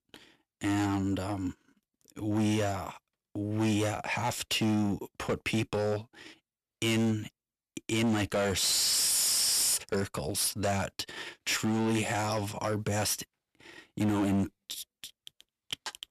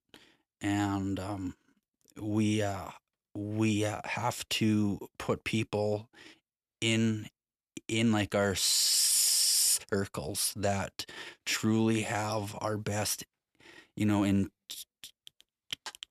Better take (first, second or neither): second